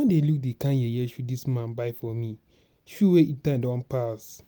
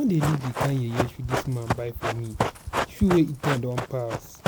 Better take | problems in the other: first | background sound (Run); 3 dB below the speech

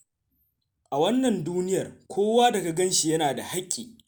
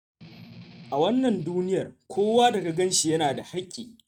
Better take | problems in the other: first | noise reduction (neural mask model RNNoise)

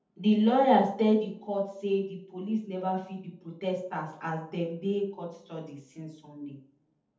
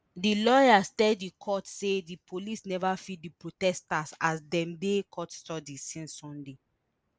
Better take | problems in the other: second | room echo; dies away in 0.6 s

